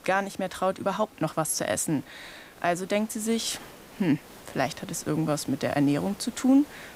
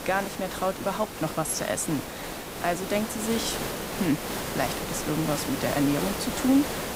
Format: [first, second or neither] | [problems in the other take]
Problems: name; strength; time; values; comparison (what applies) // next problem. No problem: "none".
first | hiss; loud; throughout; 4 dB below the speech; faint in the first